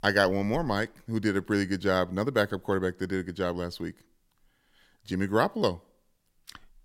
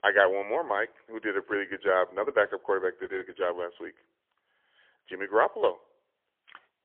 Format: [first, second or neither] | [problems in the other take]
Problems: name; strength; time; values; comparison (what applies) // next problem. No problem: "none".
first | phone-call audio; poor line; nothing above 3.5 kHz